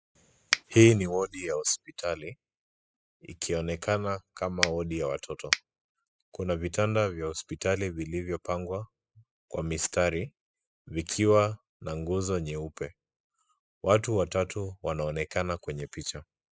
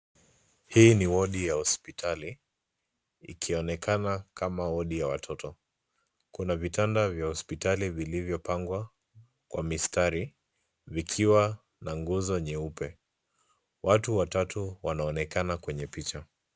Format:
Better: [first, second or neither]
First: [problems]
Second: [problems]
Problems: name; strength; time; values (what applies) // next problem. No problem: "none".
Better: second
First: noise reduction (classical method spectral subtraction)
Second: none